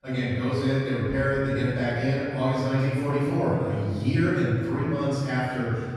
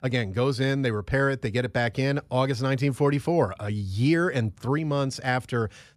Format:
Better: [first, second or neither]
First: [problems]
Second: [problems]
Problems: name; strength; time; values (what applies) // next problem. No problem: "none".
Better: second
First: off-mic speech; far // room echo; strong; dies away in 2 s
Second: none